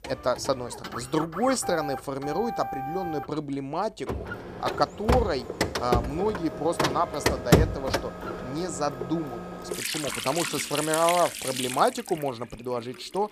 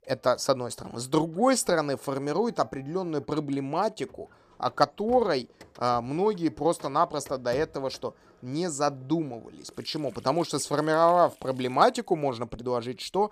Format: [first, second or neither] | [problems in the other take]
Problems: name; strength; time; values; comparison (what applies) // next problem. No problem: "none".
second | household noises; loud; throughout; 2 dB below the speech; faint in the second